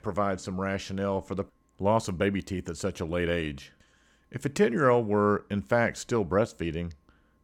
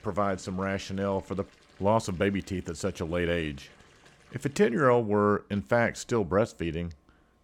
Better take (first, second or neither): first